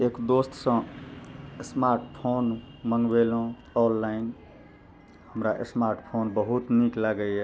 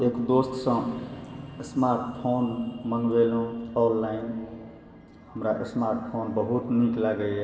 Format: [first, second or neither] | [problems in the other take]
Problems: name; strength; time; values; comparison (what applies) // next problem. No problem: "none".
first | room echo; dies away in 2.8 s